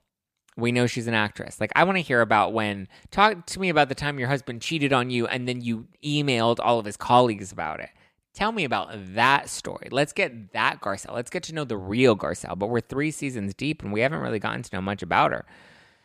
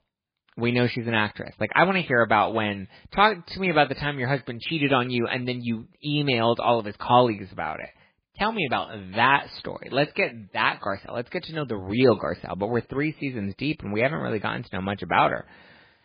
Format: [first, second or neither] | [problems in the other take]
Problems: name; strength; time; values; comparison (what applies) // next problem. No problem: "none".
first | garbled, watery; badly; nothing above 4.5 kHz